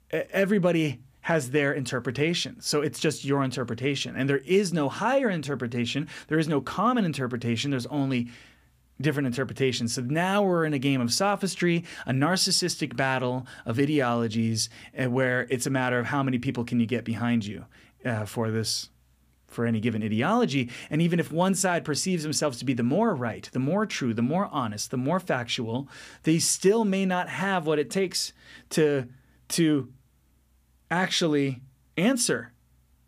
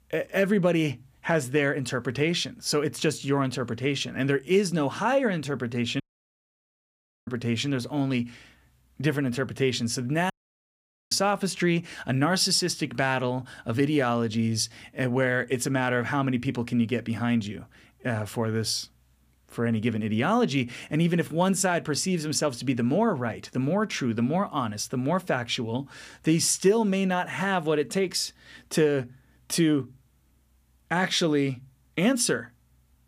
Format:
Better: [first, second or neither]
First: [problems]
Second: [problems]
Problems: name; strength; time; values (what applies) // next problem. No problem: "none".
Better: first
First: none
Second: audio cutting out; at 6 s for 1.5 s and at 10 s for 1 s